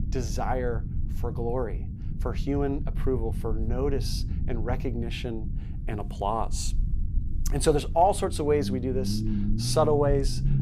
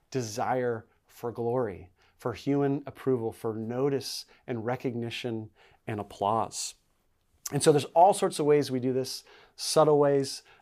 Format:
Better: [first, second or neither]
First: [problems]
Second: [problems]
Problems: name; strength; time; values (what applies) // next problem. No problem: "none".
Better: second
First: low rumble; noticeable; throughout; 15 dB below the speech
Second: none